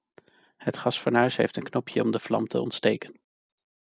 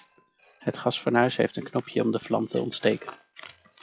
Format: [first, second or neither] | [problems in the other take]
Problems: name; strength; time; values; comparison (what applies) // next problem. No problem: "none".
first | noise reduction (classical method log-MMSE)